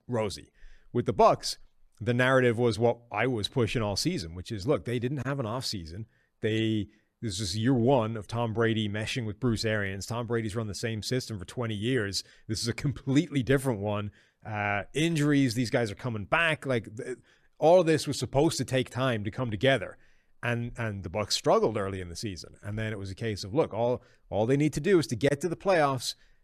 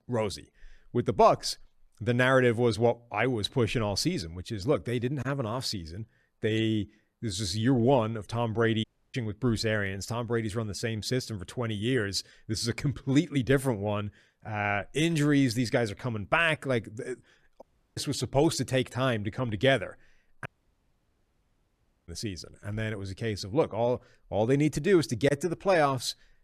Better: first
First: none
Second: audio cutting out; at 9 s, at 18 s and at 20 s for 1.5 s

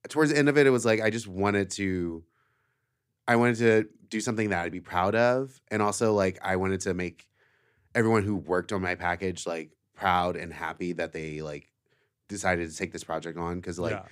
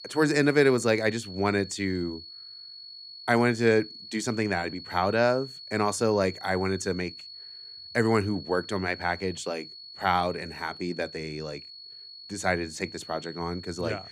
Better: first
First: none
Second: high-pitched whine; noticeable; throughout; 4.5 kHz, 15 dB below the speech

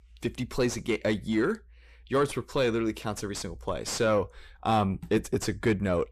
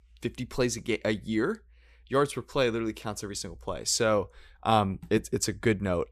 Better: second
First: distortion; slight; 9 dB below the speech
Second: none

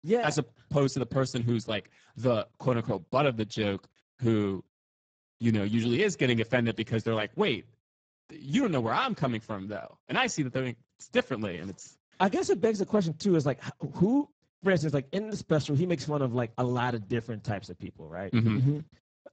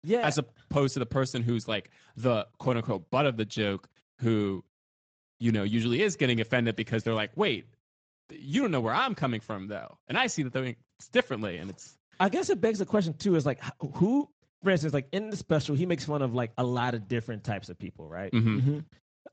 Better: second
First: garbled, watery; badly; nothing above 7.5 kHz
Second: garbled, watery; slightly; nothing above 7.5 kHz

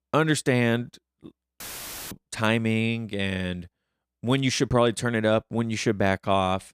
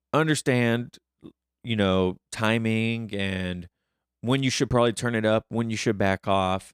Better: second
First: audio cutting out; filled with static; at 1.5 s for 0.5 s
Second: none

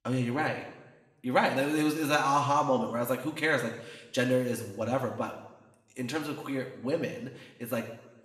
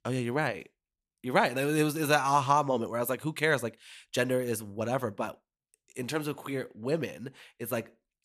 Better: second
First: room echo; slight; dies away in 1 s // off-mic speech; somewhat distant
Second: none

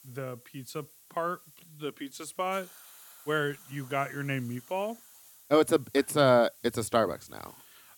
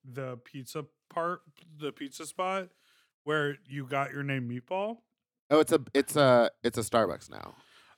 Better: second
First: hiss; faint; throughout; 25 dB below the speech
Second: none

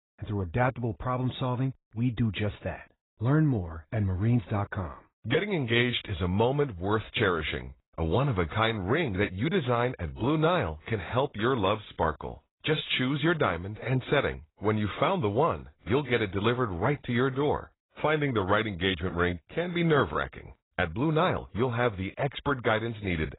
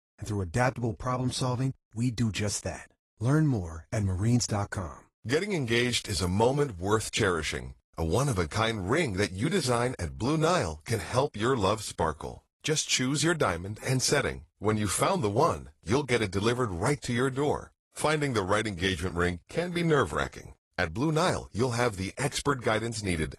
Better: second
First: garbled, watery; badly; nothing above 4 kHz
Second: garbled, watery; slightly; nothing above 11.5 kHz

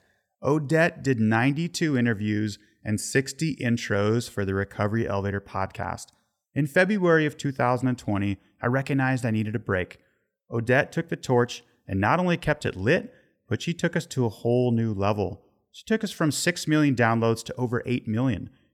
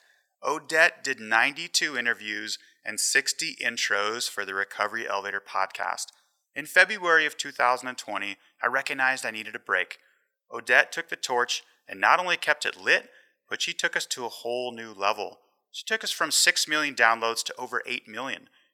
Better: first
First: none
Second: thin; very; fading below 950 Hz

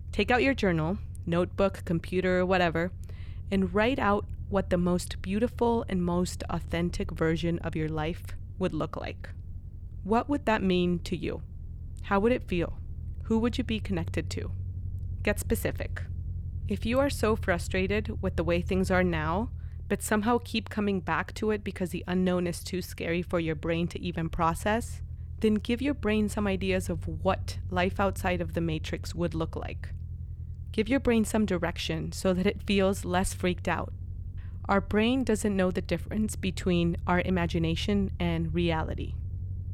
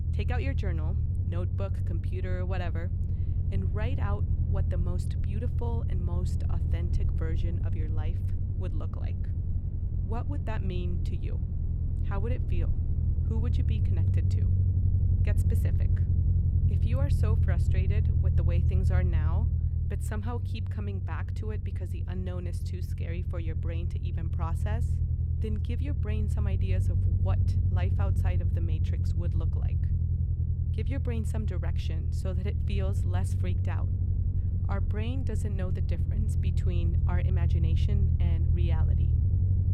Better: first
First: low rumble; faint; throughout; 25 dB below the speech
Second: low rumble; loud; throughout; 1 dB below the speech

